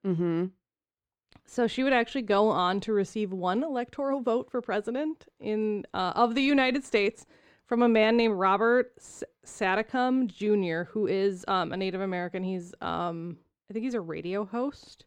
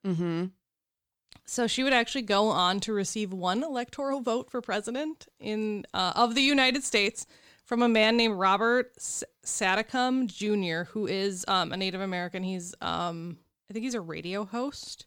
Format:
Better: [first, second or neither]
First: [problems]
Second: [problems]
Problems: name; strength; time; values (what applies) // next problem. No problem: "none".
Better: second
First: muffled; slightly; fading above 3.5 kHz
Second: none